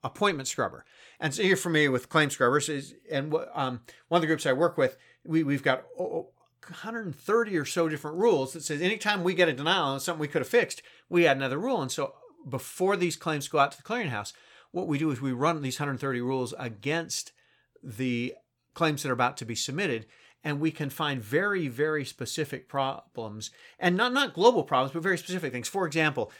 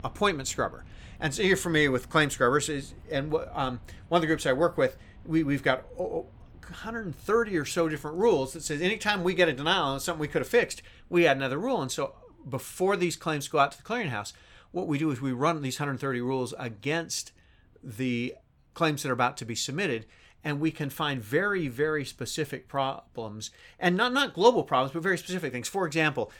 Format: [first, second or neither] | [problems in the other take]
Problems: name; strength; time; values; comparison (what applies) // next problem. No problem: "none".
first | animal sounds; faint; throughout; 25 dB below the speech